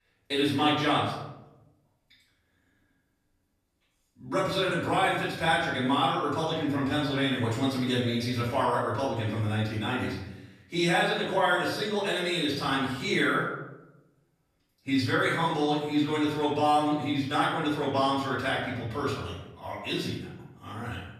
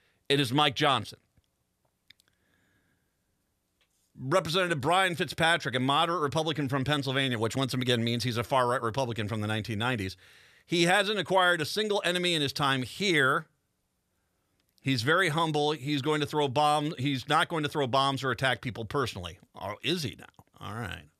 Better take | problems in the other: second | off-mic speech; far // room echo; noticeable; dies away in 0.8 s

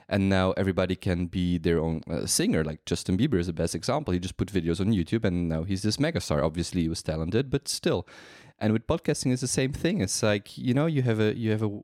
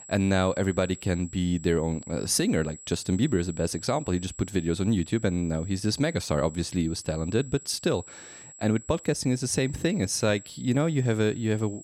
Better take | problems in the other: first | high-pitched whine; noticeable; throughout; 7.5 kHz, 15 dB below the speech

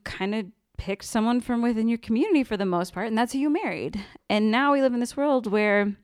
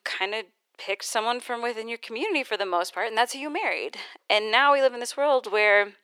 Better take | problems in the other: first | thin; very; fading below 450 Hz

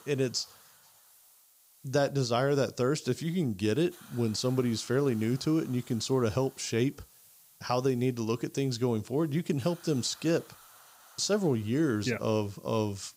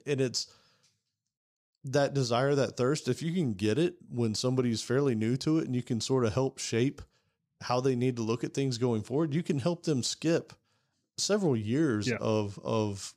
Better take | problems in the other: second | hiss; faint; throughout; 25 dB below the speech

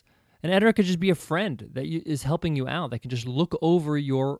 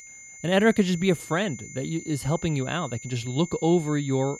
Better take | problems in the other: first | high-pitched whine; noticeable; throughout; 2 kHz, 15 dB below the speech

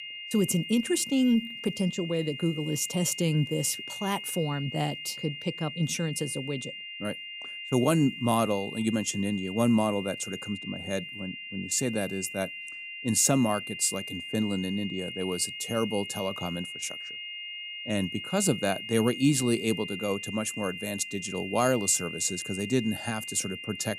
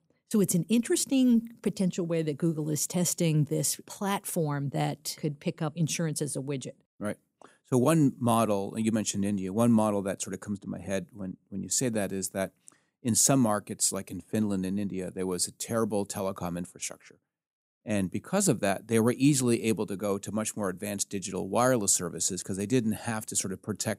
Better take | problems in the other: second | high-pitched whine; loud; throughout; 3 kHz, 8 dB below the speech

